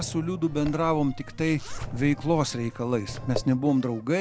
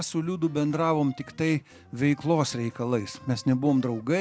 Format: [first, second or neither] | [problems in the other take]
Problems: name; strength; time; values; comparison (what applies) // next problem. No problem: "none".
second | background sound (Drum + Zipper (clothing)); 11 dB below the speech